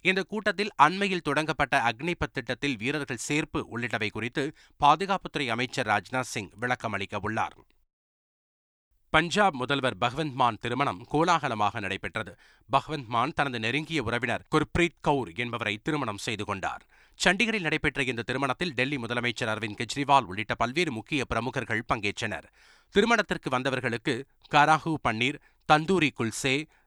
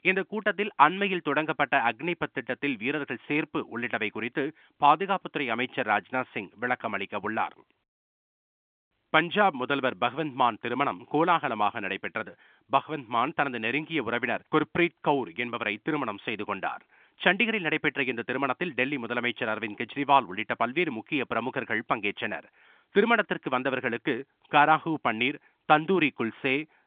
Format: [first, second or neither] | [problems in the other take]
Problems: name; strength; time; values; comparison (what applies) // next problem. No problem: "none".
first | phone-call audio; nothing above 3.5 kHz